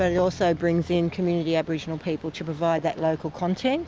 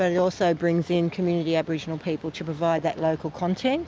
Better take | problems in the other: second | background sound (Bowed string instrument); 20 dB below the speech

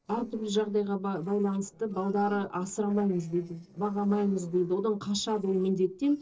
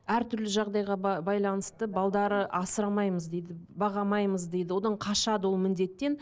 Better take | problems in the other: second | noise reduction (neural separator model SepFormer DNS4)

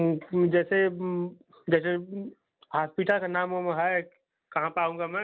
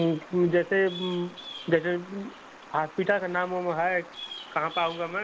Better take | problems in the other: first | background sound (Bird vocalization, bird call, bird song); 16 dB below the speech

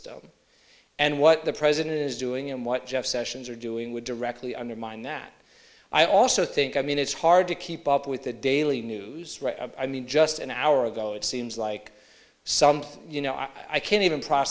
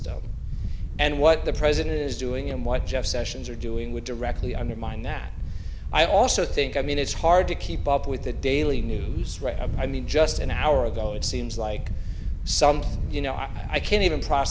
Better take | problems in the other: first | background sound (Wind); 2 dB below the speech

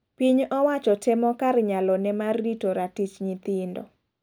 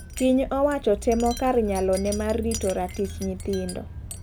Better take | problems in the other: first | background sound (Wind chime); 10 dB below the speech

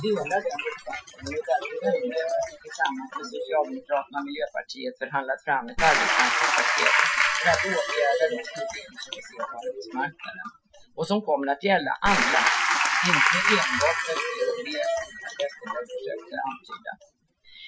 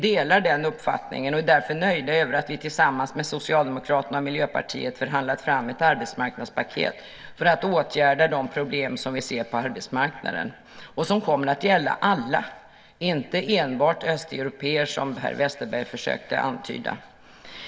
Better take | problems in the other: second | noise reduction (classical method Wiener filter)

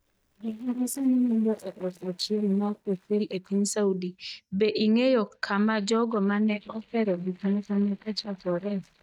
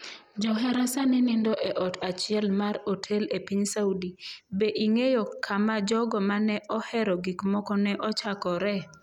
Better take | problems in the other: second | noise reduction (neural mask model DeepFilterNet 3)

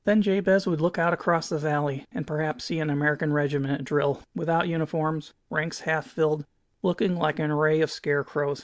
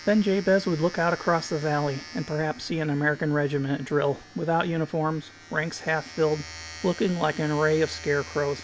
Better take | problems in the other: first | background sound (Domestic sounds, home sounds); 17 dB below the speech

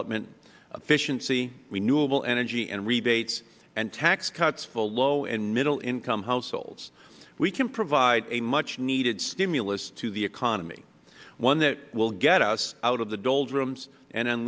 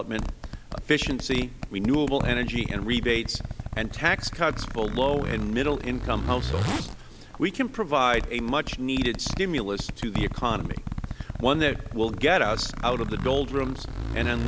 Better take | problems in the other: first | background sound (Zipper (clothing)); 5 dB below the speech

